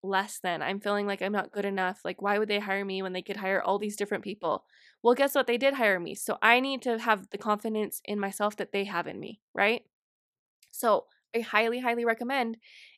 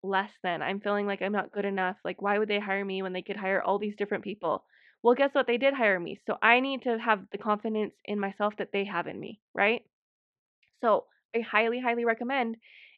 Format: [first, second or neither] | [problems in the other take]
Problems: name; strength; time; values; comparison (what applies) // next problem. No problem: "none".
first | muffled; slightly; fading above 3 kHz